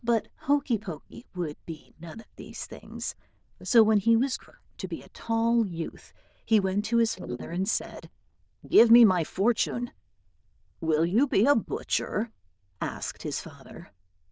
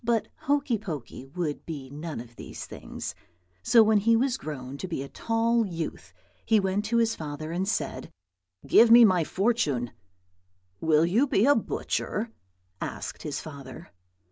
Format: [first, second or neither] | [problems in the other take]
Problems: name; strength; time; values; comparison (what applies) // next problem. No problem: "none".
second | noise reduction (neural diffusion model UNIVERSE++)